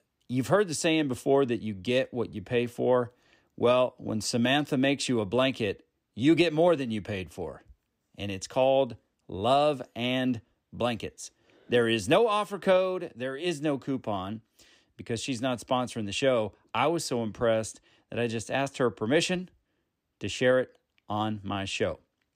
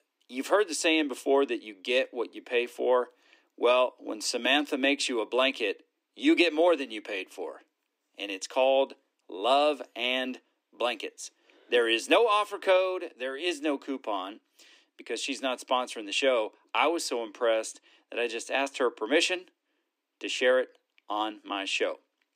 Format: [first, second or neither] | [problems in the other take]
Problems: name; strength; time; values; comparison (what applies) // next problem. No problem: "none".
first | thin; very slightly; fading below 300 Hz